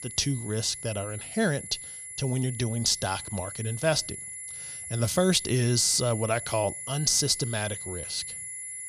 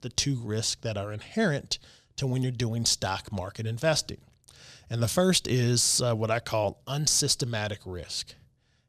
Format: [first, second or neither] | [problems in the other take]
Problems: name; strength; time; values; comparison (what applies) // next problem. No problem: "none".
second | high-pitched whine; loud; throughout; 10.5 kHz, 9 dB below the speech